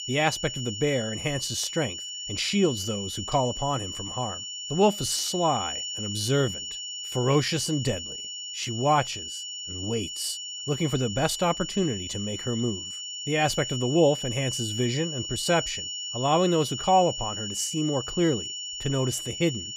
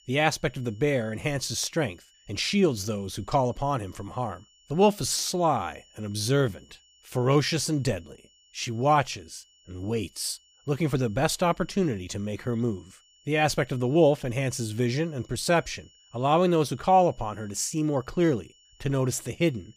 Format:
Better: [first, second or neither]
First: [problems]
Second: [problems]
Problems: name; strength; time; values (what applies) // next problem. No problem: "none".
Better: second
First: high-pitched whine; loud; throughout; 3 kHz, 6 dB below the speech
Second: high-pitched whine; faint; throughout; 3 kHz, 30 dB below the speech